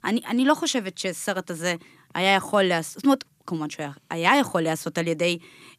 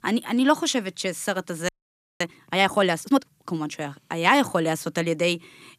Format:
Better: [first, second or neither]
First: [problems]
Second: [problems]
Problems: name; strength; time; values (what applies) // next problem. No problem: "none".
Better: first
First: none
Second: audio freezing; at 1.5 s for 0.5 s